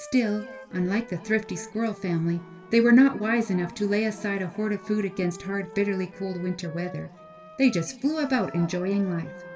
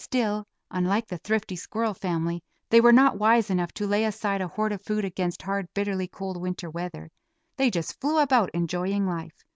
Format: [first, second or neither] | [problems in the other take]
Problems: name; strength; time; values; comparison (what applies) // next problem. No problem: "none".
second | background sound (Wind instrument, woodwind instrument); 19 dB below the speech // room echo; dies away in 2.3 s